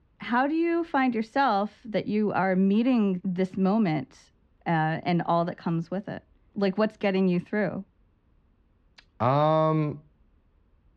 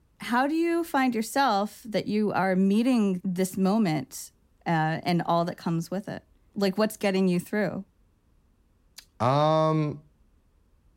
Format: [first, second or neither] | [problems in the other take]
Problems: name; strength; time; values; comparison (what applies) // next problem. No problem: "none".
second | muffled; slightly; fading above 3.5 kHz